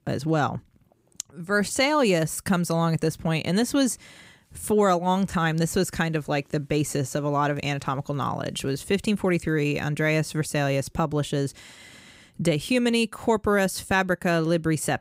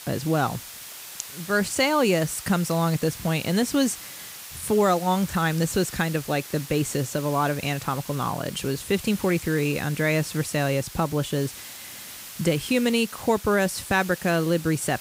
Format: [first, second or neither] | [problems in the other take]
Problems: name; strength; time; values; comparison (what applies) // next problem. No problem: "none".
first | hiss; noticeable; throughout; 15 dB below the speech